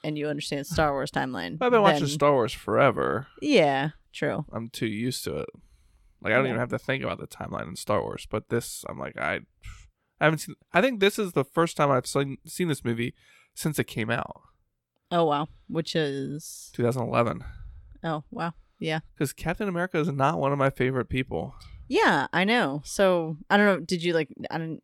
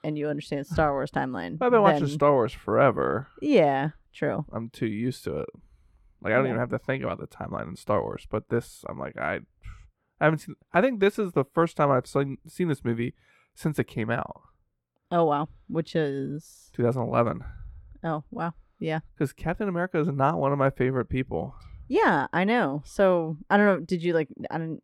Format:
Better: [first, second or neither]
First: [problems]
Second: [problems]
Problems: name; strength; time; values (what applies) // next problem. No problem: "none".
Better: first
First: none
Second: muffled; slightly; fading above 2.5 kHz